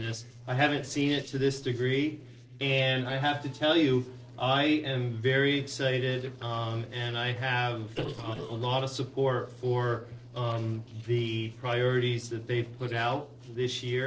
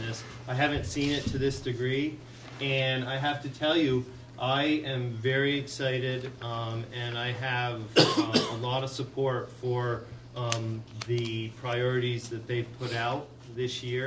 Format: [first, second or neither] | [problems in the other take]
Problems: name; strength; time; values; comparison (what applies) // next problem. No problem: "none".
second | noise reduction (neural separator model SepFormer DNS4)